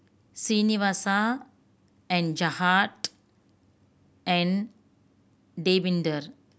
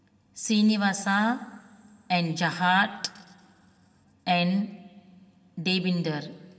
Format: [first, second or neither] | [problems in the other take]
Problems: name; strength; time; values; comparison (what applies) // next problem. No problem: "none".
first | room echo; dies away in 2.1 s